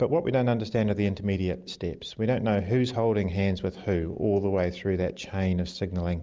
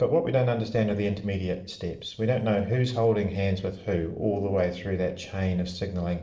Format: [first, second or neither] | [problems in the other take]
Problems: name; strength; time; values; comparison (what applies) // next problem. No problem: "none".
first | noise reduction (neural separator model SepFormer DNS4)